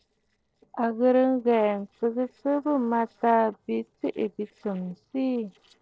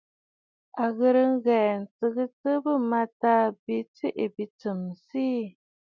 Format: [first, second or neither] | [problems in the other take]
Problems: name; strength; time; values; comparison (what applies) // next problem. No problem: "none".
second | noise reduction (neural separator model SepFormer DNS4)